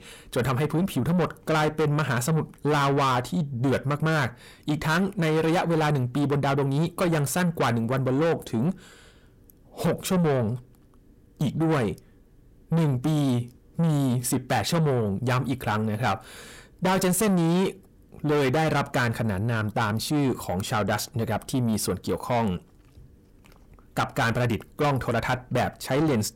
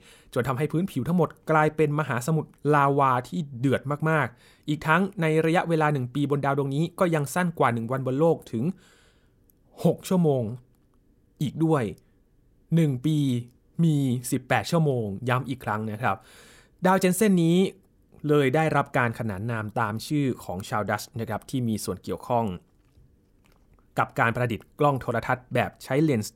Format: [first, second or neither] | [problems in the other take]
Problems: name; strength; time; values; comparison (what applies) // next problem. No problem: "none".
second | distortion; heavy; 7 dB below the speech